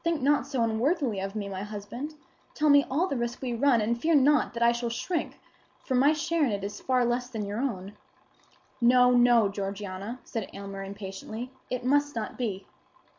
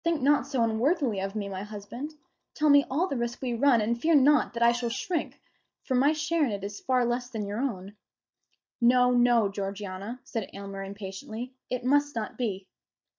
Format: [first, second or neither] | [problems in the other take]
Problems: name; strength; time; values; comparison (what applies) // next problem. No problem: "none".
first | noise reduction (neural mask model DeepFilterNet 3)